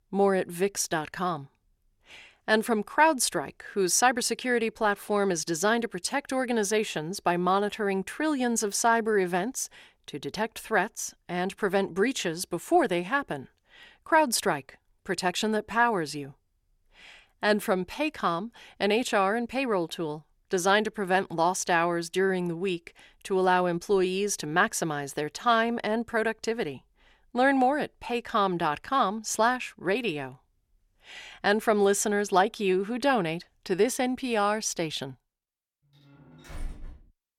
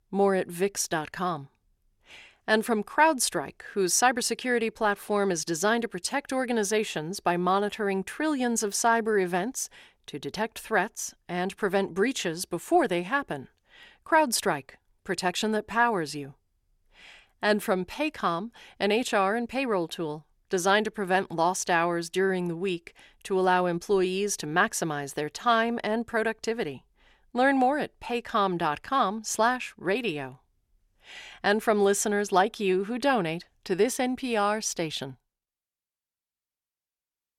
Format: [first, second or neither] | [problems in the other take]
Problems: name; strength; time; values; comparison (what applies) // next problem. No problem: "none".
second | door banging; faint; at 36 s; peak 15 dB below the speech